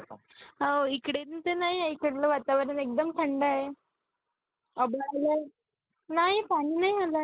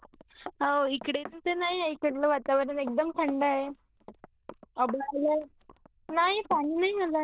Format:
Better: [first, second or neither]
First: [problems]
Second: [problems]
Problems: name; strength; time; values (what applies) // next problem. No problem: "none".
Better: first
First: none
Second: noise reduction (neural diffusion model UNIVERSE++)